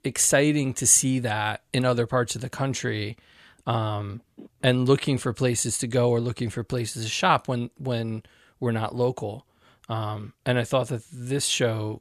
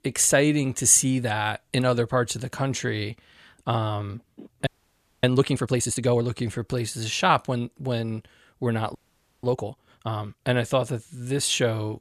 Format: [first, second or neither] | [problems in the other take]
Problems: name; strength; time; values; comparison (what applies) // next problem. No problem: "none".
first | audio freezing; at 4.5 s for 0.5 s and at 9 s